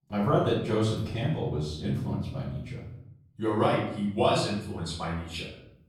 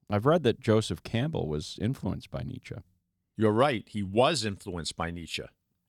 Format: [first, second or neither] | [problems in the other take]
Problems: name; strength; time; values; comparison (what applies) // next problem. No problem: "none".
second | off-mic speech; far // room echo; noticeable; dies away in 0.7 s